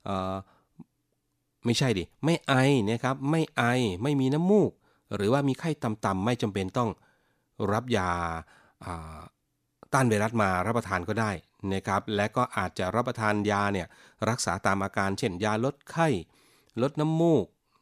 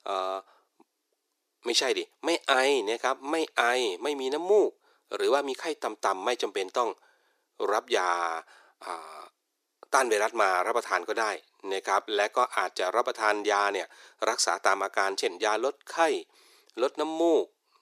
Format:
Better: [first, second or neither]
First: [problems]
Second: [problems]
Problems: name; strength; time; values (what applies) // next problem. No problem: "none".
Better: first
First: none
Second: thin; very; fading below 350 Hz